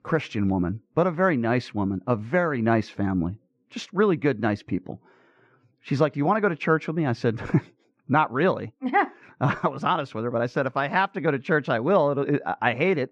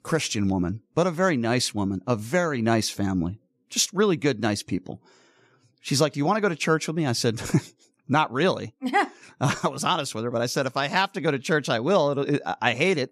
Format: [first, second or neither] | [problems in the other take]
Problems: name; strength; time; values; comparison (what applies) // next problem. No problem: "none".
second | muffled; very; fading above 2 kHz